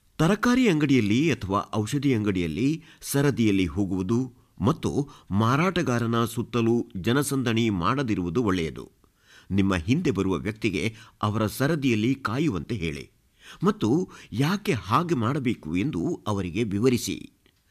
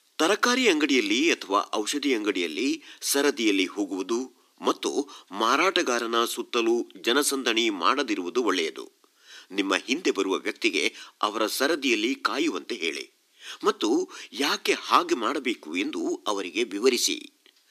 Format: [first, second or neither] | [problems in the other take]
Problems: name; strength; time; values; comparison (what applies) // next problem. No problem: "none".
first | thin; somewhat; fading below 300 Hz